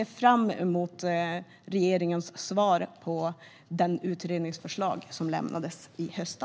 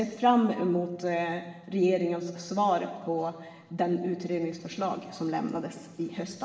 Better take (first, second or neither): first